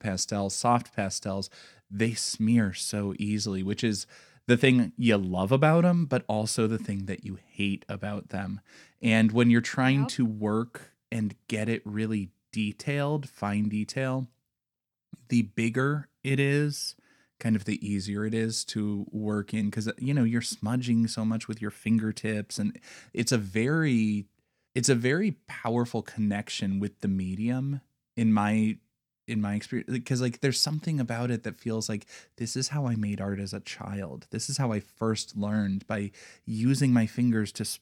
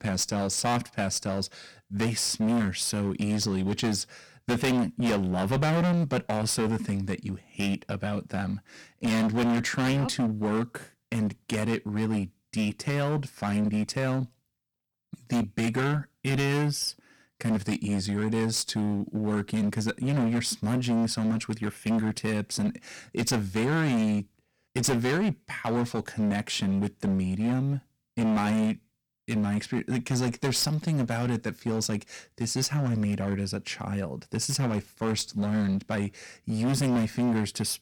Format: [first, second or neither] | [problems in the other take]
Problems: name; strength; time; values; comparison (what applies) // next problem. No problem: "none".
first | distortion; heavy; 18% of the sound clipped